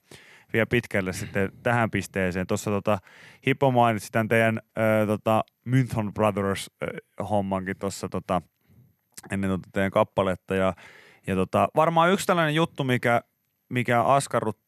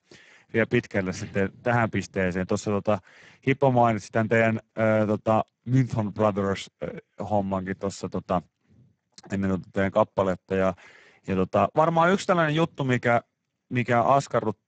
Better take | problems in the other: first | garbled, watery; badly; nothing above 8 kHz

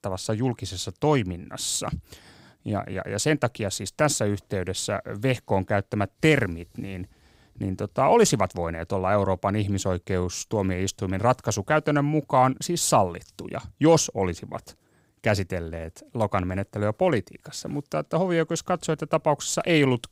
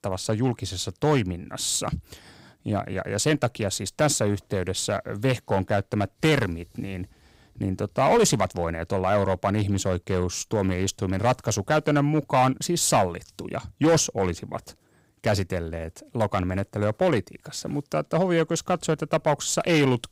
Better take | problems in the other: first | distortion; slight; 3% of the sound clipped

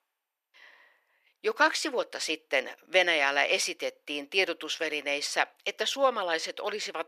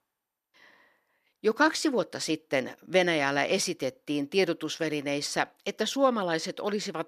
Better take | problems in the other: second | thin; somewhat; fading below 550 Hz

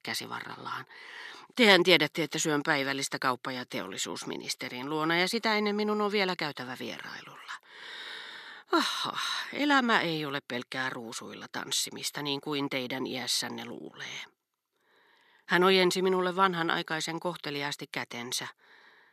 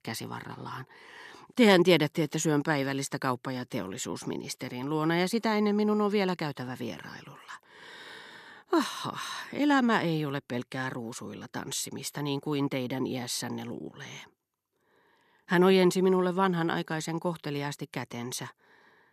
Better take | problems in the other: second | thin; very slightly; fading below 650 Hz

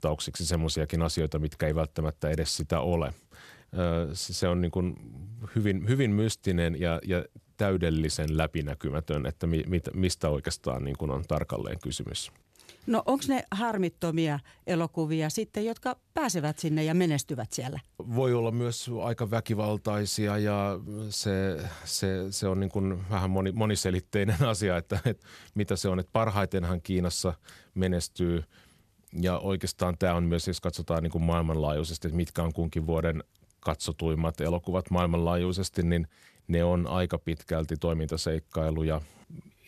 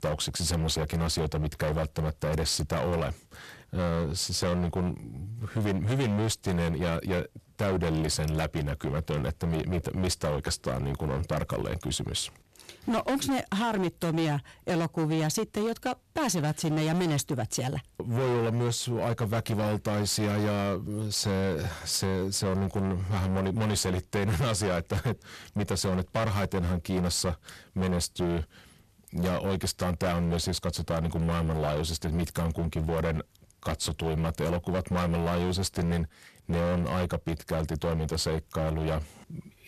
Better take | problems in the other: first | distortion; heavy; 19% of the sound clipped

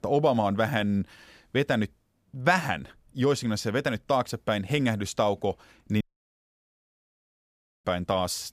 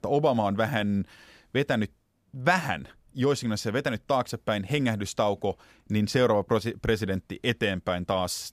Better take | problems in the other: second | audio cutting out; at 6 s for 2 s

